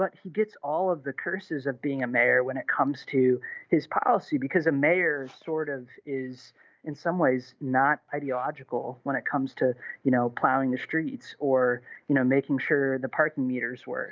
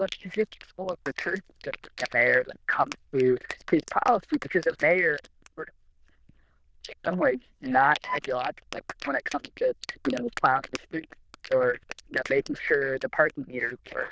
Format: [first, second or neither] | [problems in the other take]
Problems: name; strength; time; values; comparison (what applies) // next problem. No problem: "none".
first | noise reduction (neural diffusion model UNIVERSE++)